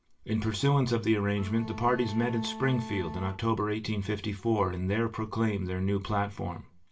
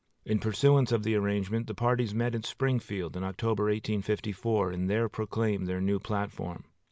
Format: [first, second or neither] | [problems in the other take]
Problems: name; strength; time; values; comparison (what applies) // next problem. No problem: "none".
second | background sound (Bowed string instrument); 12 dB below the speech // room echo; dies away in 0.2 s